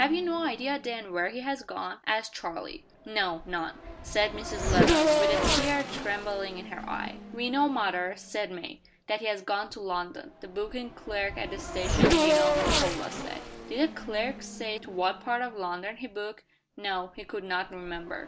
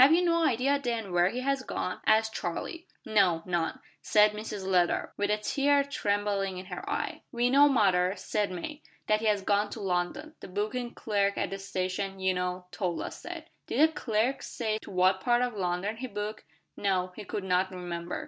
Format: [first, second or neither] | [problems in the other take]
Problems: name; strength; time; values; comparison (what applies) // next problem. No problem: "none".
second | background sound (Race car, auto racing / Accelerating, revving, vroom); as loud as the speech